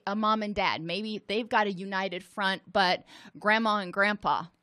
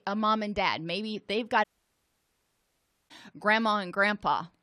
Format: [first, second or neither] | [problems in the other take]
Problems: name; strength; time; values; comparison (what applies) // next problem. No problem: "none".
first | audio cutting out; at 1.5 s for 1.5 s